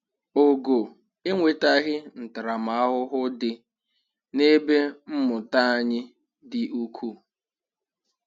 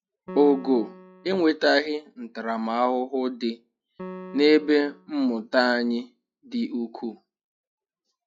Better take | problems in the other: first | noise reduction (classical method log-MMSE)

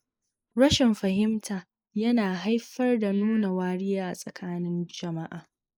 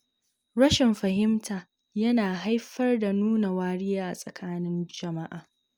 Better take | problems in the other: second | noise reduction (neural mask model Resemble Enhance denoiser)

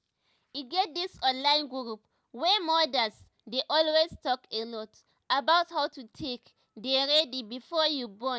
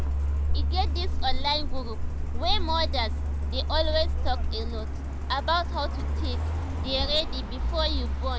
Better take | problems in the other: first | background sound (Motor vehicle (road) + Truck); 5 dB above the speech

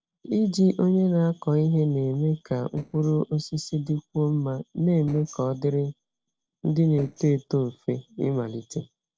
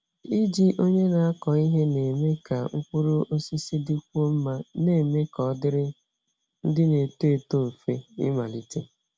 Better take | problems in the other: second | noise reduction (neural separator model SepFormer DNS4)

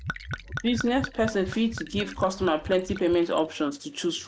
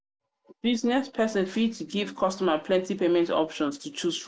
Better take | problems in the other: second | background sound (Gurgling / Chink, clink / Liquid); 11 dB below the speech

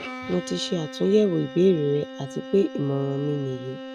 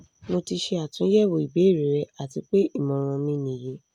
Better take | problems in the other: second | background sound (Bowed string instrument); 13 dB below the speech

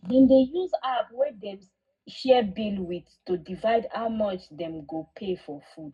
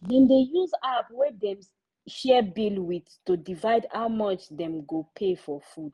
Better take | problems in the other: second | room echo; dies away in 0.3 s

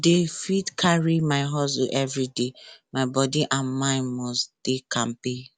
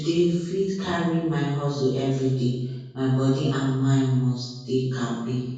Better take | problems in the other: first | room echo; dies away in 1.3 s

